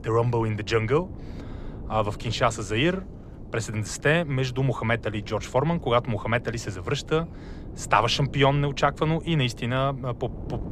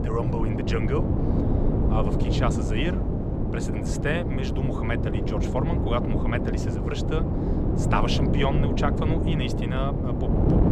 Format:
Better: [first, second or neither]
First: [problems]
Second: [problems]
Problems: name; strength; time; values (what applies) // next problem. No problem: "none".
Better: first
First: wind noise on the microphone; occasional gusts; 20 dB below the speech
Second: wind noise on the microphone; heavy; 1 dB below the speech